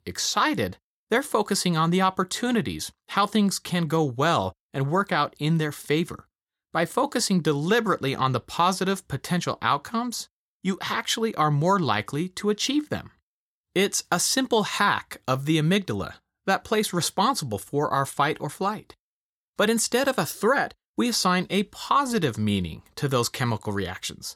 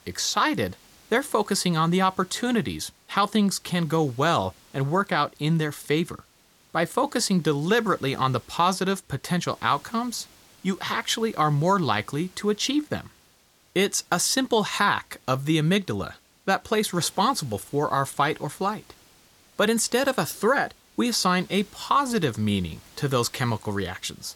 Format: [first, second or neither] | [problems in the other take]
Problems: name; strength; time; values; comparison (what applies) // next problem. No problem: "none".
first | hiss; faint; throughout; 30 dB below the speech